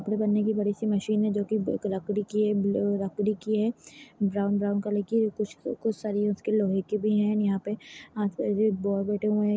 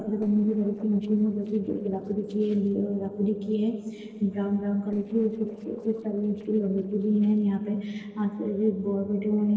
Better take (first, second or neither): first